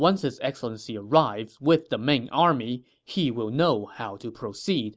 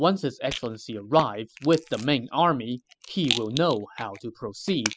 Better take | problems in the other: first | noise reduction (classical method spectral subtraction)

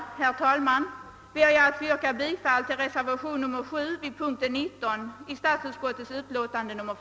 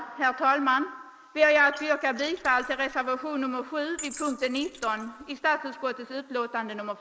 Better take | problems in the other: first | noise reduction (neural mask model Resemble Enhance denoiser)

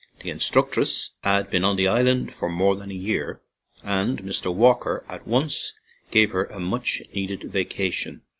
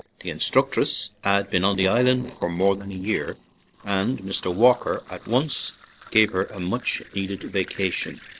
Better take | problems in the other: first | noise reduction (neural separator model SepFormer DNS4)

